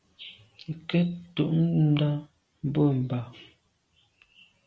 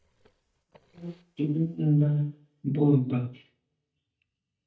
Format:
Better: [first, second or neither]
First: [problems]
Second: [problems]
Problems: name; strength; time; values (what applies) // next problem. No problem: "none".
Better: first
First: none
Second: noise reduction (neural mask model DeepFilterNet 3)